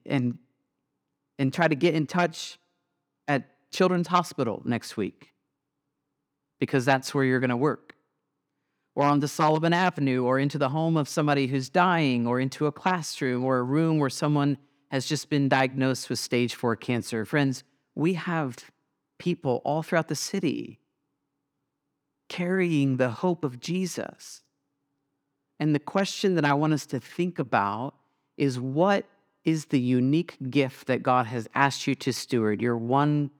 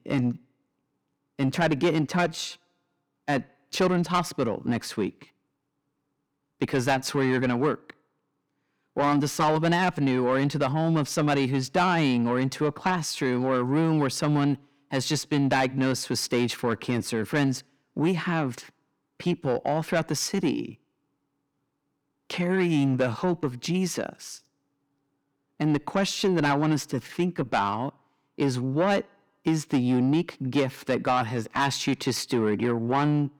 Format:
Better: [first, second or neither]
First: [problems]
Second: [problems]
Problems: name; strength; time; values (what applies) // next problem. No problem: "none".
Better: first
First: none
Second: distortion; slight; 10 dB below the speech